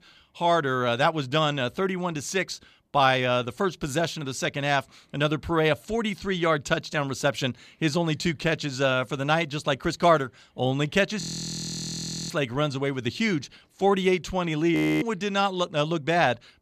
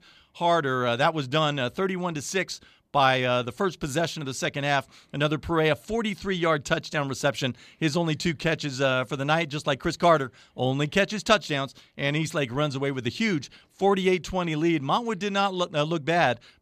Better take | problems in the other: second | audio freezing; at 11 s for 1 s and at 15 s

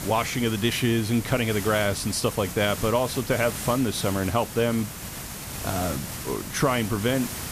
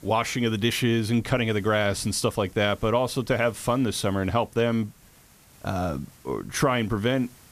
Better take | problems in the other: second | hiss; loud; throughout; 9 dB below the speech; faint in the second

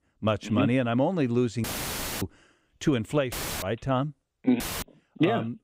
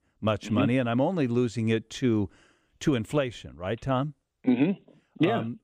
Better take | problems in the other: second | audio cutting out; filled with static; at 1.5 s for 0.5 s, at 3.5 s and at 4.5 s

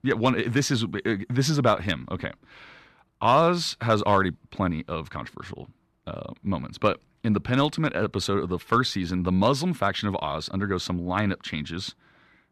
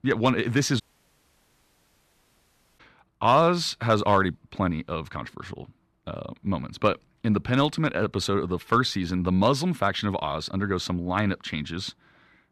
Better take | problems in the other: first | audio cutting out; at 1 s for 2 s

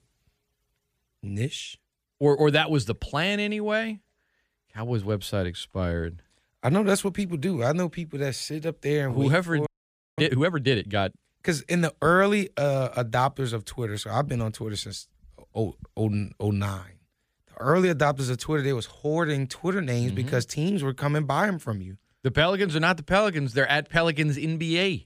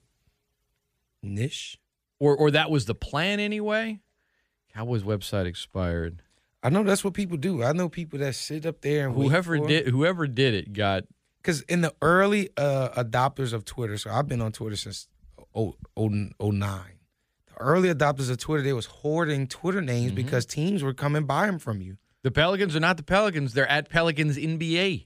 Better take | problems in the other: second | audio freezing; at 9.5 s for 0.5 s

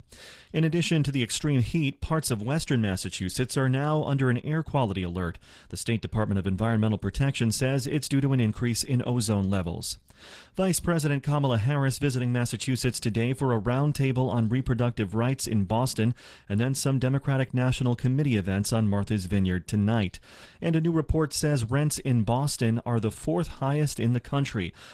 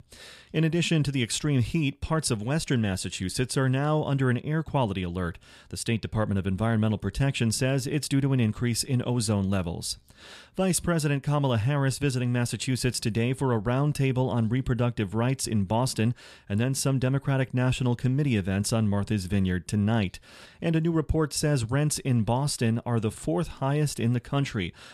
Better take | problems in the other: second | garbled, watery; slightly; nothing above 15.5 kHz

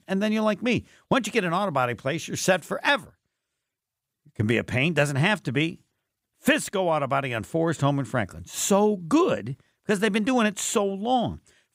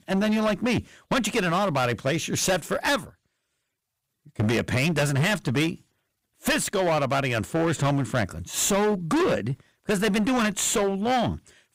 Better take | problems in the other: first | distortion; heavy; 17% of the sound clipped

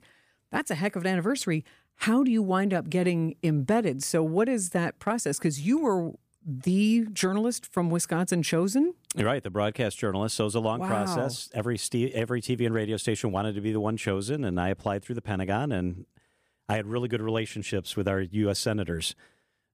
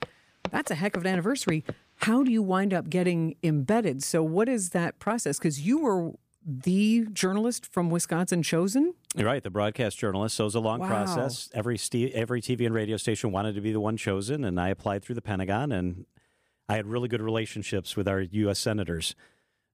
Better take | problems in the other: first | footsteps; noticeable; until 2 s; peak 9 dB below the speech

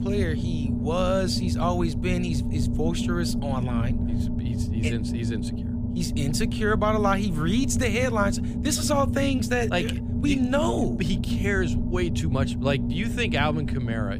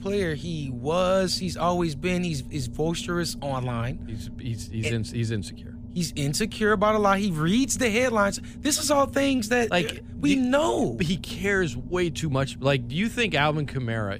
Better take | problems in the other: second | low rumble; loud; throughout; 8 dB below the speech; faint in the second

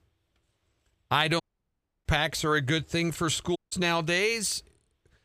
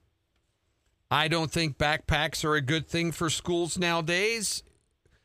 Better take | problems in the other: second | audio cutting out; at 1.5 s for 0.5 s and at 3.5 s

